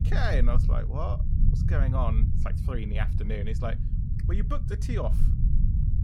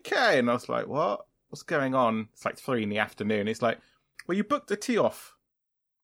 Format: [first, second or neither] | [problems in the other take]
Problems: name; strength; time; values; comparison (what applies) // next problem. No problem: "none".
second | low rumble; loud; throughout; 7 dB below the speech